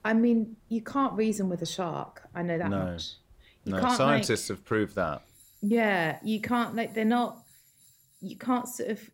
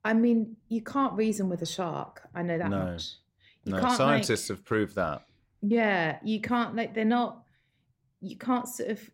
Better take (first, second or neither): second